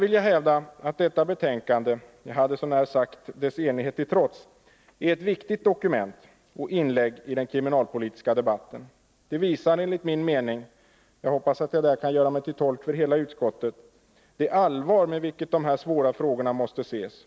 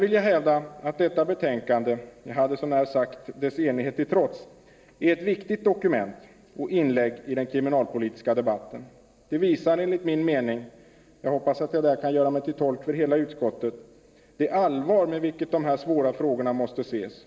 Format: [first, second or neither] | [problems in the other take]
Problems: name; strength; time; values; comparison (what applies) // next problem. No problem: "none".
first | room echo; dies away in 2.1 s